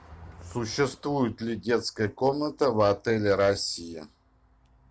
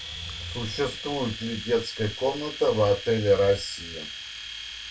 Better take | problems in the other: first | background sound (Domestic sounds, home sounds); 11 dB below the speech // room echo; dies away in 0.2 s

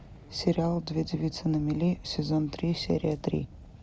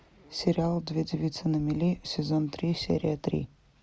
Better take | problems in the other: second | background sound (Fire); 18 dB below the speech

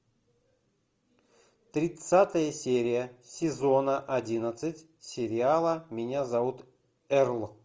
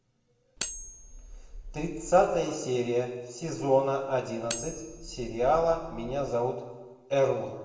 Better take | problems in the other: first | background sound (Cutlery, silverware); 12 dB below the speech // room echo; dies away in 1.2 s

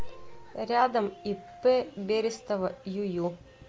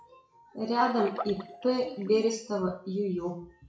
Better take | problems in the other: first | noise reduction (classical method WPE with log-MMSE)

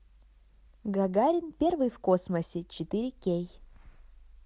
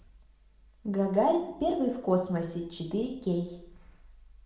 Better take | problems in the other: first | room echo; dies away in 0.7 s

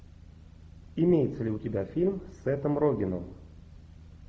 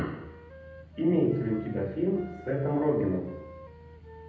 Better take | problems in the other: first | background sound (Wind instrument, woodwind instrument); 20 dB below the speech // room echo; dies away in 0.8 s

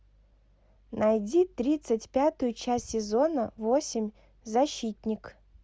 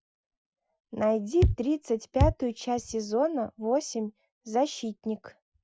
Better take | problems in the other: first | noise reduction (classical method Wiener filter)

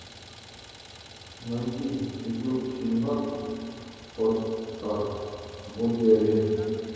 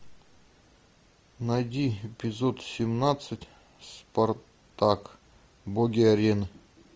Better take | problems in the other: second | background sound (Idling); 17 dB below the speech // room echo; dies away in 2.2 s

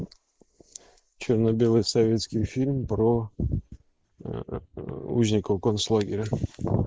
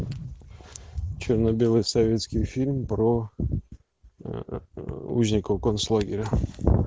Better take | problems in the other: second | noise reduction (neural mask model Resemble Enhance denoiser)

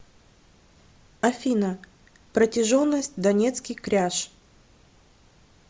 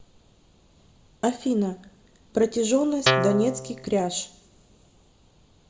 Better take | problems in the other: first | background sound (Guitar); 2 dB above the speech // room echo; dies away in 0.7 s

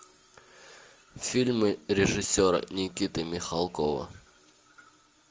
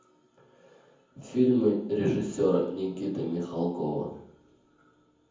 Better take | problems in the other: first | room echo; dies away in 0.7 s

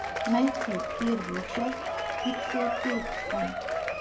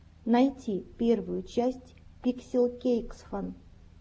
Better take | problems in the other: second | background sound (Applause / Crowd / Cheering); as loud as the speech // room echo; dies away in 1 s

